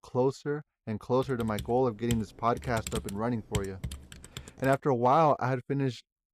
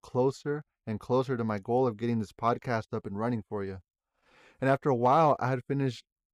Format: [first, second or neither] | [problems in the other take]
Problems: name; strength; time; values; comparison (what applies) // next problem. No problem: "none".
second | keyboard typing; noticeable; from 1 to 4.5 s; peak 7 dB below the speech